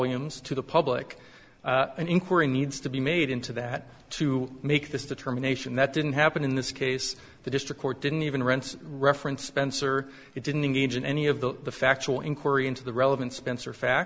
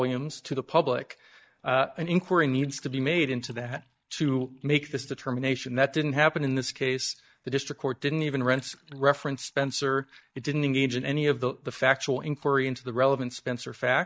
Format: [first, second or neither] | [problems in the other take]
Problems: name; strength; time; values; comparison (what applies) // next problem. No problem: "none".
first | noise reduction (neural mask model DeepFilterNet 3)